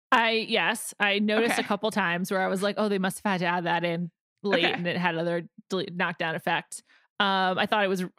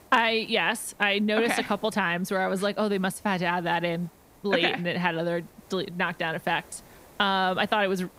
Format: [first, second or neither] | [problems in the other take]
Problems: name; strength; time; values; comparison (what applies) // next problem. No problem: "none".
first | hiss; faint; throughout; 25 dB below the speech